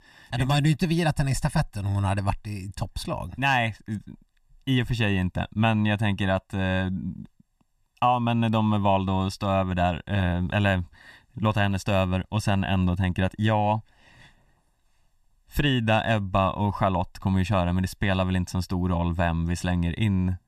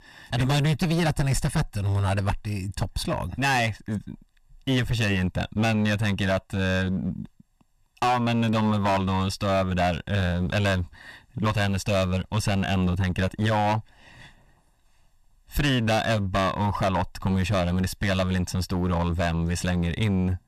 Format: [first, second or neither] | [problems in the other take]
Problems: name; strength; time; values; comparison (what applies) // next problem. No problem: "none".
first | distortion; heavy; 16% of the sound clipped